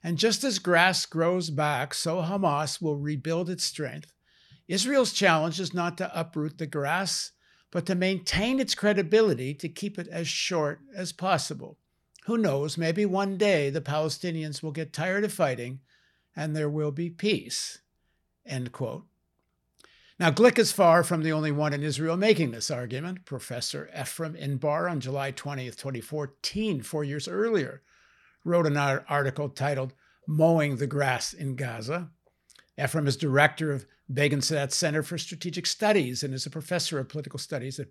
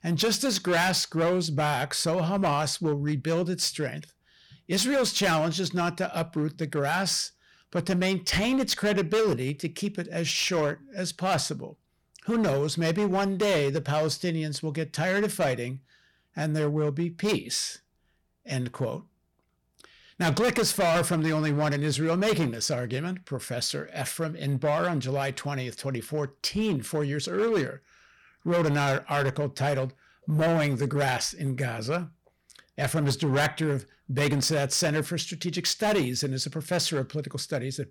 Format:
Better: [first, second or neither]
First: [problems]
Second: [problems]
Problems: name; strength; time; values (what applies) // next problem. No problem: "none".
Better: first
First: none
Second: distortion; heavy; 10% of the sound clipped